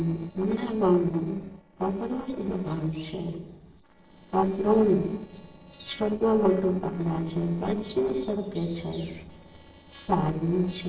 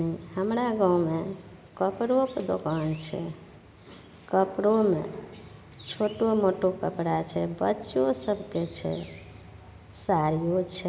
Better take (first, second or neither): second